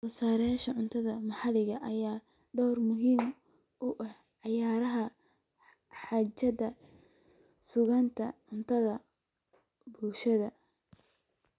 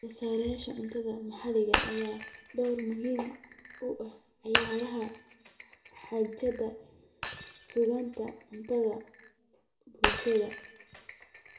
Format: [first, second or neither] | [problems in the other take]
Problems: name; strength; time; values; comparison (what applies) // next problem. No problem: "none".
first | background sound (Shatter); 5 dB below the speech // room echo; dies away in 0.6 s